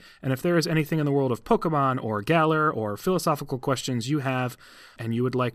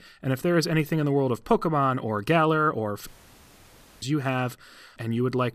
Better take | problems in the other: first | audio cutting out; at 3 s for 1 s

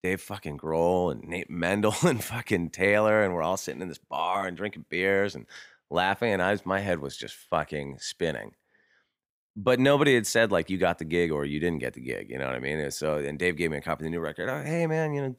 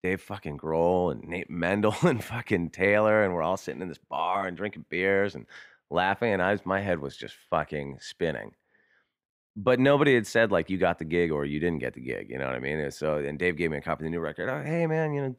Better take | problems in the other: first | muffled; slightly; fading above 4 kHz

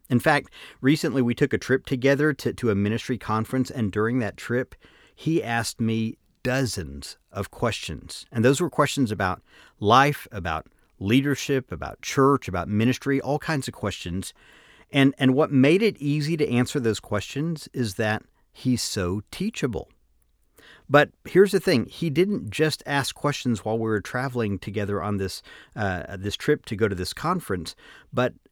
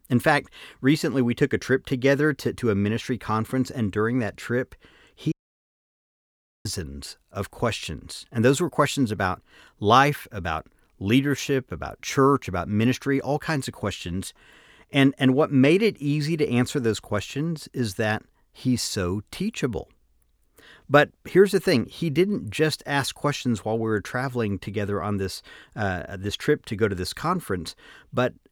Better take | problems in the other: first | audio cutting out; at 5.5 s for 1.5 s

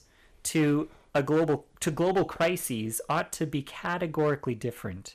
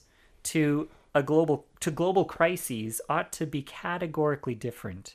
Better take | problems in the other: second | distortion; slight; 4% of the sound clipped

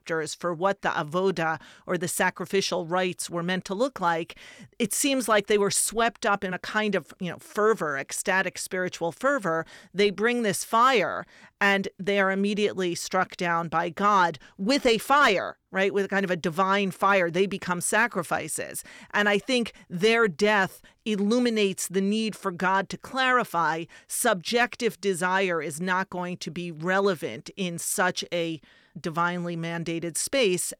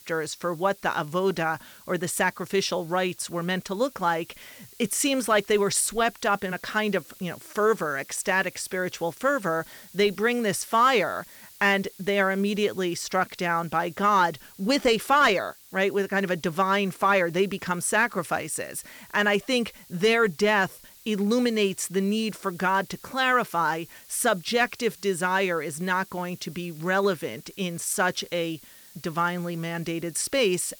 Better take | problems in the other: first | hiss; faint; throughout; 20 dB below the speech

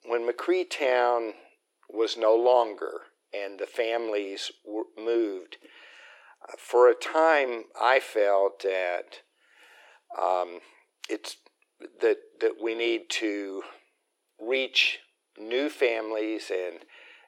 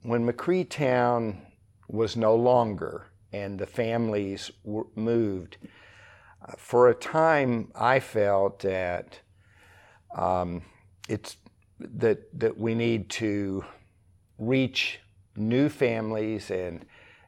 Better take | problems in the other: second | thin; very; fading below 300 Hz

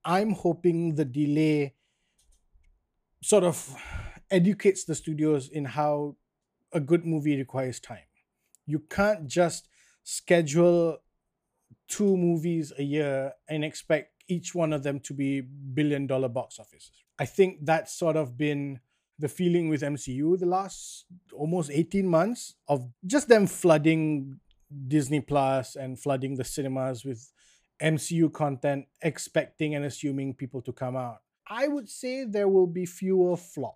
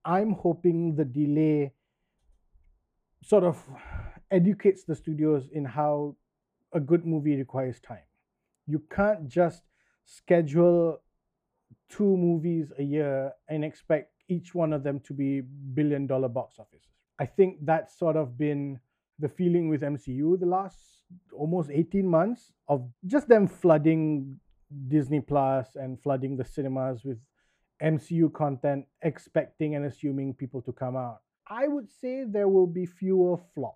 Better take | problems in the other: first | muffled; very; fading above 2.5 kHz

